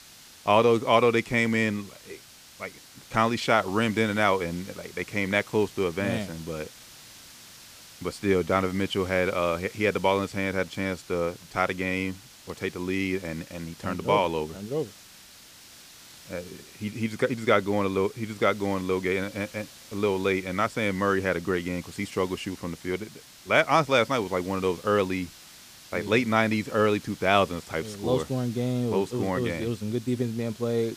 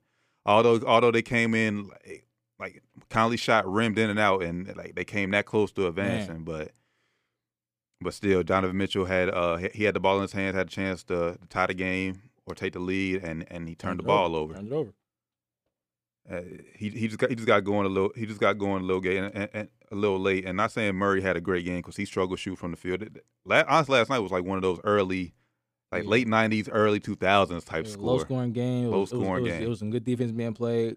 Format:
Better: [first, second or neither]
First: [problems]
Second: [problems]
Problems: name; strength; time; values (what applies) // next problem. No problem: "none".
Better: second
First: hiss; noticeable; throughout; 20 dB below the speech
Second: none